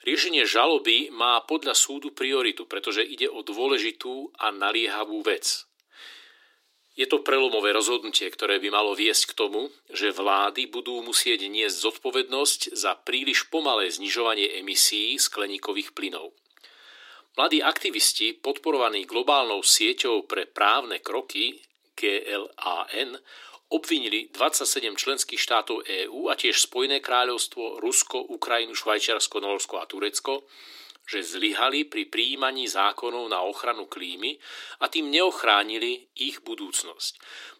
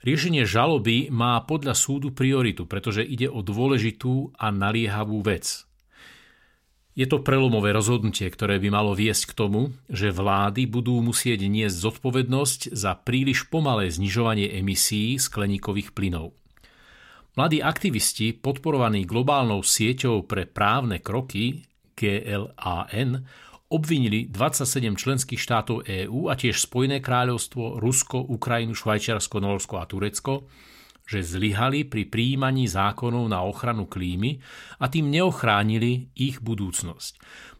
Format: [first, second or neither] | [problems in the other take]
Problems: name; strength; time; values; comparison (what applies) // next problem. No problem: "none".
second | thin; very; fading below 300 Hz